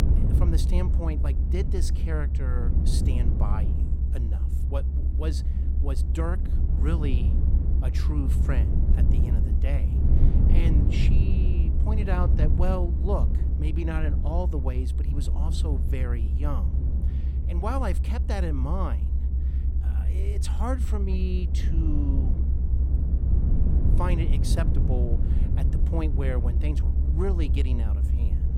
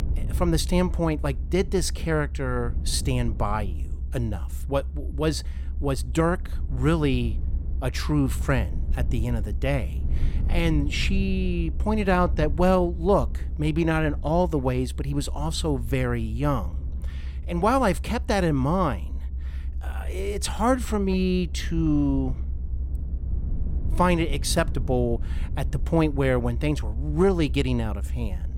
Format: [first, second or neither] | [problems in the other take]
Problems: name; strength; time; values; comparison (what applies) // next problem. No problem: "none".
second | low rumble; loud; throughout; 4 dB below the speech; faint in the second